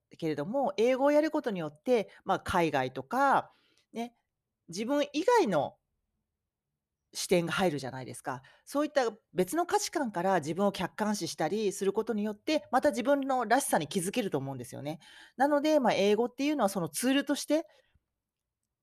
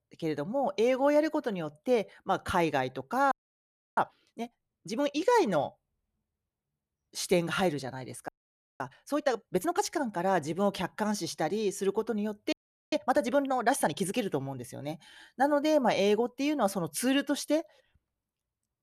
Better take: first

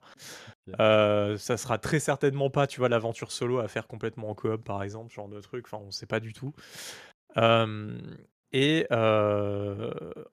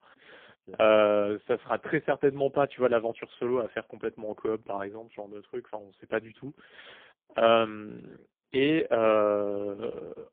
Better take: first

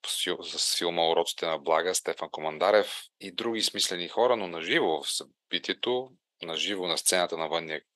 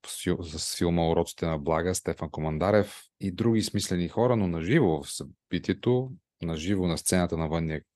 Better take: second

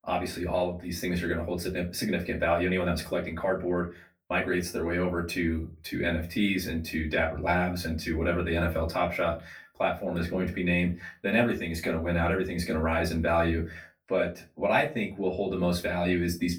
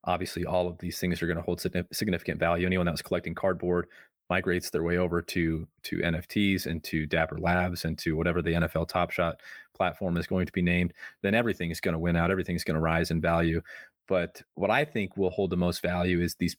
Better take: second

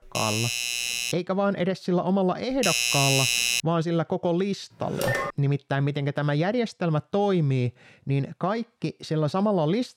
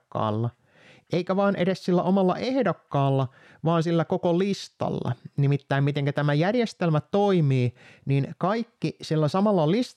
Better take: second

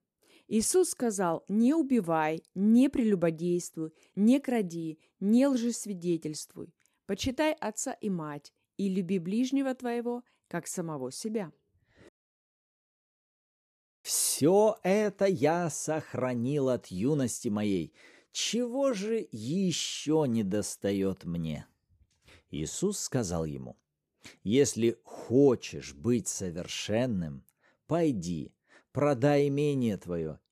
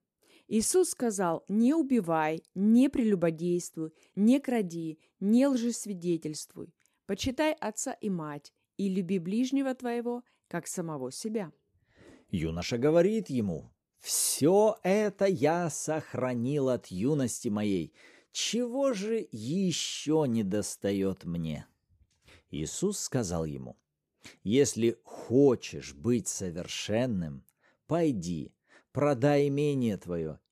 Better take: second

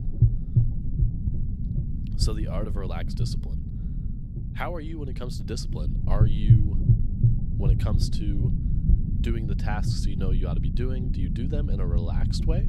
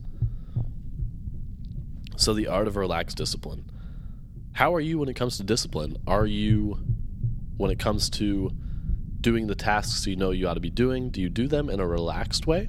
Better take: second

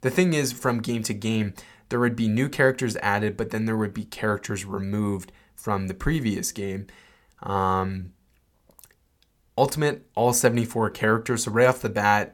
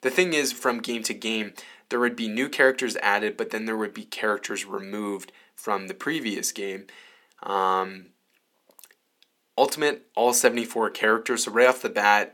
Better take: first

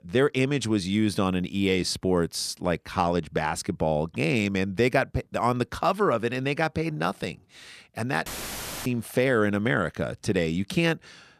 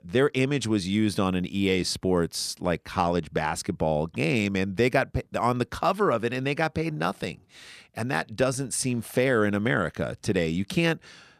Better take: second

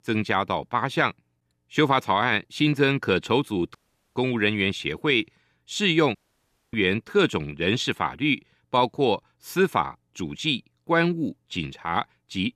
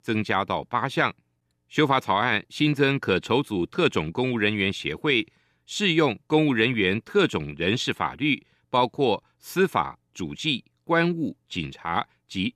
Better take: second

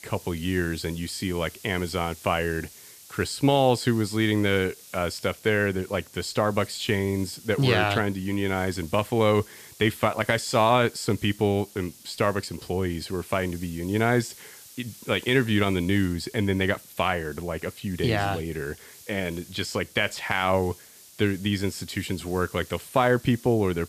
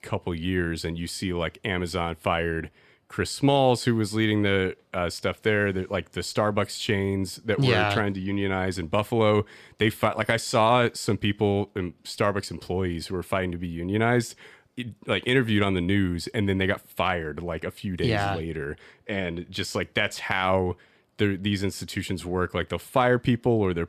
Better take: second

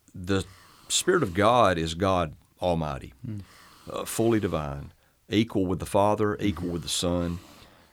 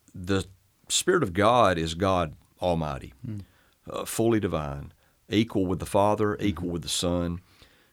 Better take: second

